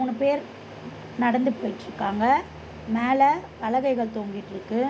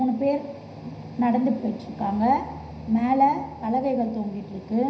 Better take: first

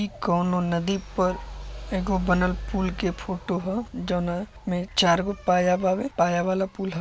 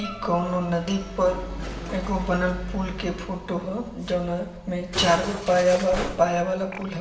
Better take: first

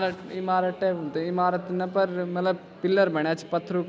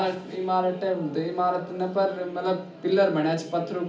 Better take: first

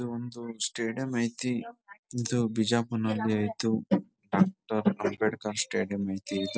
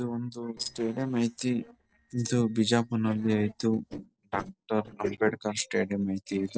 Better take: first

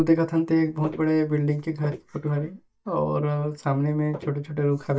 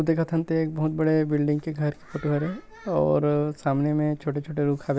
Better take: second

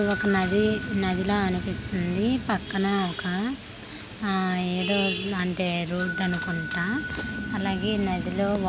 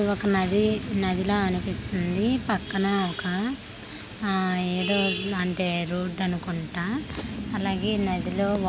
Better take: second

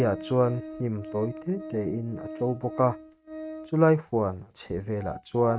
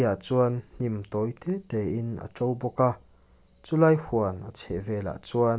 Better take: second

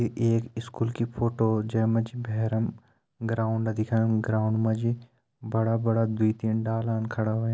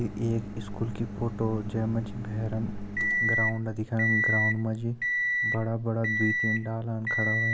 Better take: first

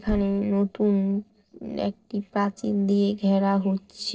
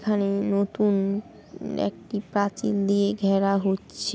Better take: second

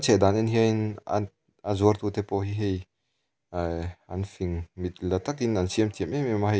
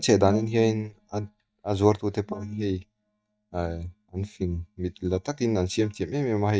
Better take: first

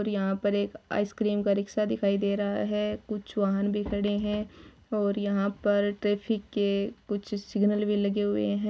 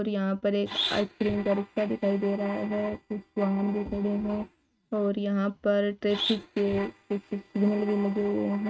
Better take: first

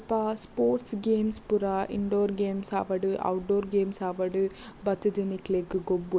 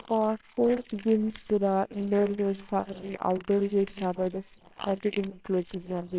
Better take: first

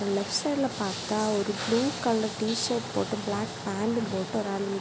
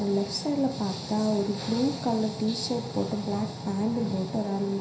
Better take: first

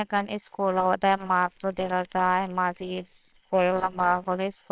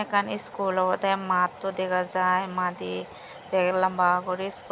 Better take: second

